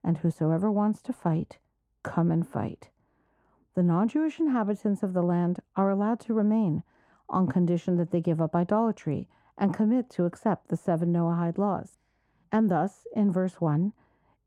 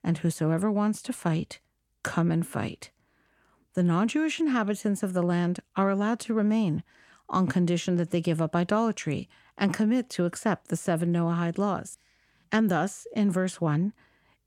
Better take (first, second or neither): second